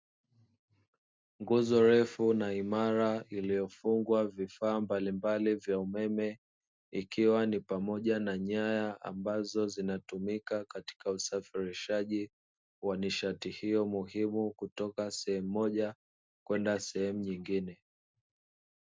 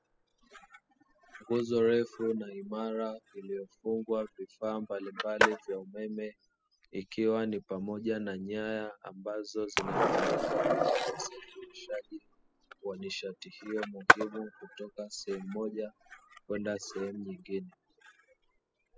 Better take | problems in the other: first | noise reduction (classical method spectral subtraction)

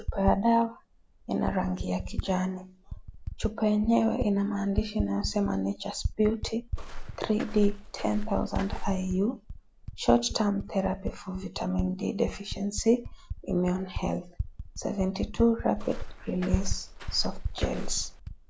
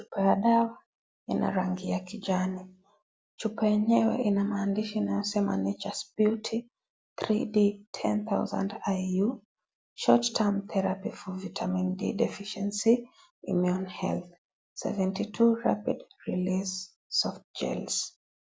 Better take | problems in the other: second | background sound (Walk, footsteps + Typing); 6 dB below the speech

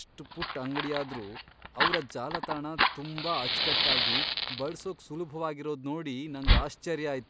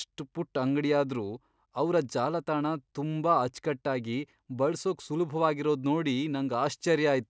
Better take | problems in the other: second | background sound (Fire); 4 dB above the speech

